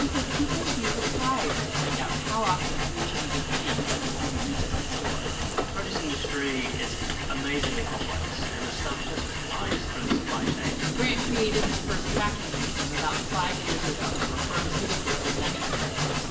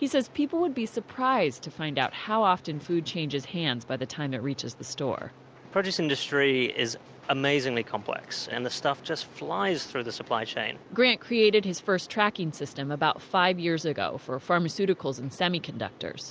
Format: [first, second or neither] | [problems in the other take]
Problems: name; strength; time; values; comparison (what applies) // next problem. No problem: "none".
second | background sound (Train); 5 dB above the speech // room echo; dies away in 0.8 s